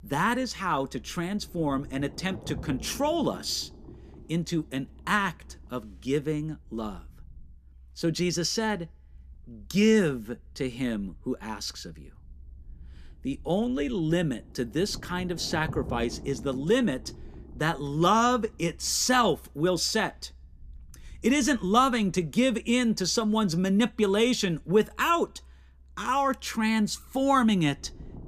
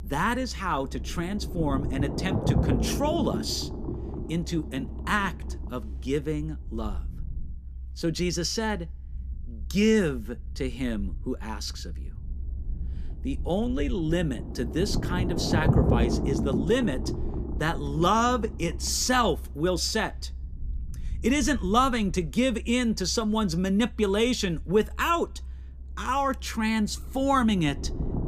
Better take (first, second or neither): first